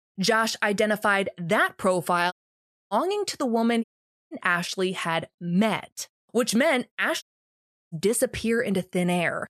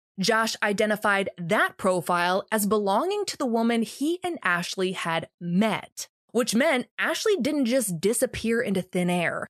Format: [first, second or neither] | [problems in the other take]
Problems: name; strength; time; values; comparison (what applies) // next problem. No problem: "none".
second | audio cutting out; at 2.5 s for 0.5 s, at 4 s and at 7 s for 0.5 s